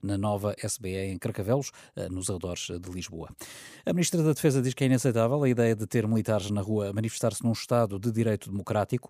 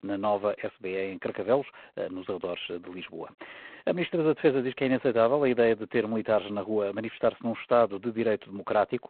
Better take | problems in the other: first | phone-call audio; poor line; nothing above 4 kHz

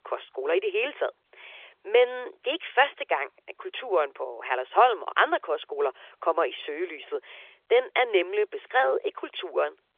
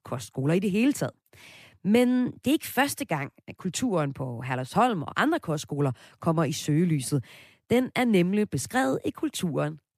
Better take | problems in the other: second | phone-call audio; nothing above 3.5 kHz

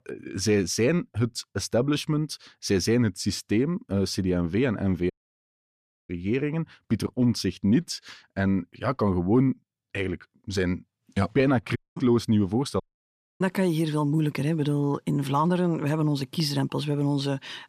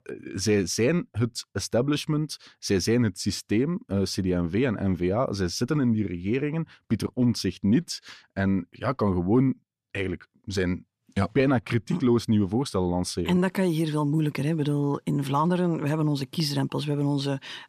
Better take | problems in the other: second | audio cutting out; at 5 s for 1 s, at 12 s and at 13 s for 0.5 s

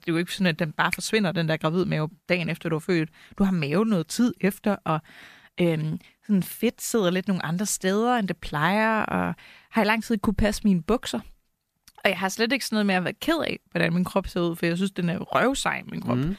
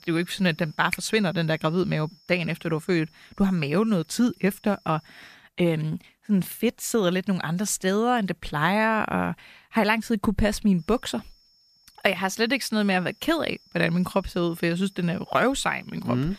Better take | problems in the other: first | high-pitched whine; faint; until 5.5 s and from 11 s on; 5 kHz, 30 dB below the speech

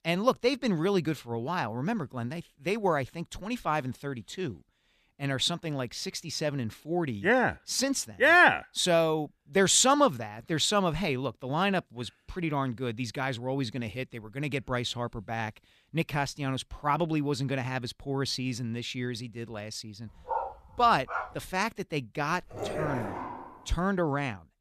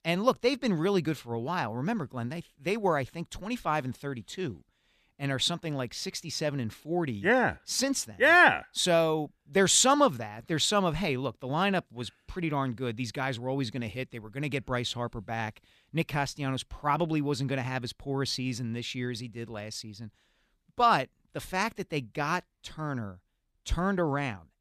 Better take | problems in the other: second | dog barking; noticeable; from 20 to 21 s and from 22 to 24 s; peak 5 dB below the speech

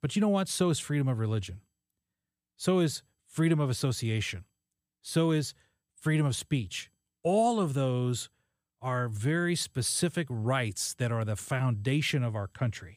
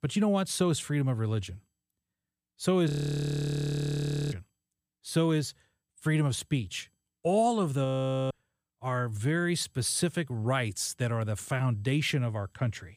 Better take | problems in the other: first | audio freezing; at 3 s for 1.5 s and at 8 s

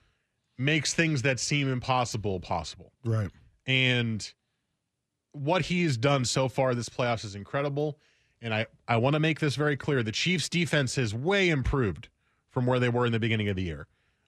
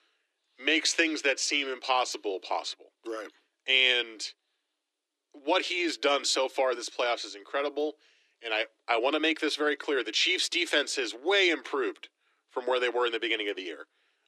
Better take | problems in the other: first | thin; very; fading below 300 Hz

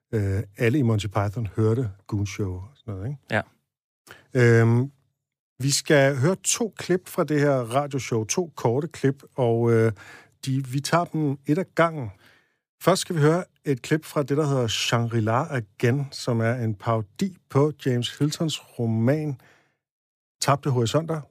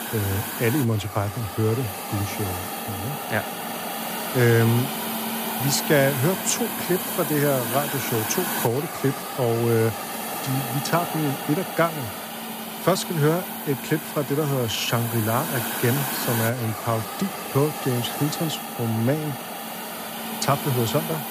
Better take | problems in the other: first | hiss; loud; throughout; 4 dB below the speech

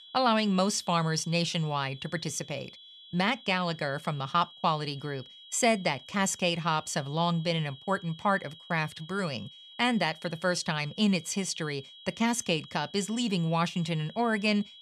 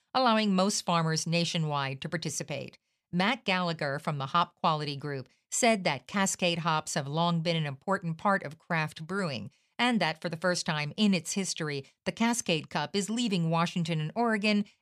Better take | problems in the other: second | high-pitched whine; noticeable; throughout; 3.5 kHz, 20 dB below the speech

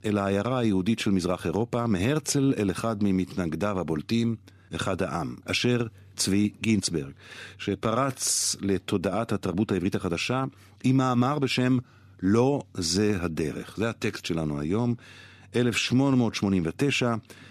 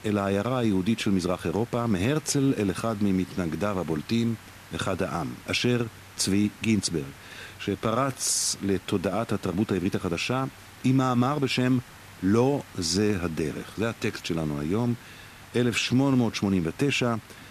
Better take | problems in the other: first | hiss; faint; throughout; 20 dB below the speech

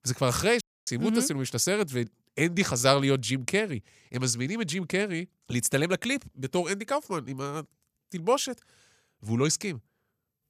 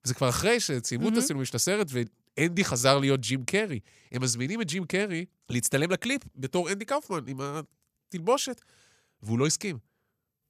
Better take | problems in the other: second | audio cutting out; at 0.5 s

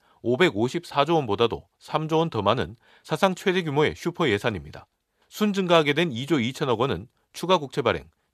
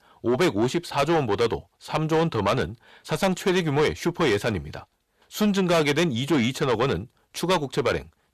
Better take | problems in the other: first | distortion; heavy; 7 dB below the speech

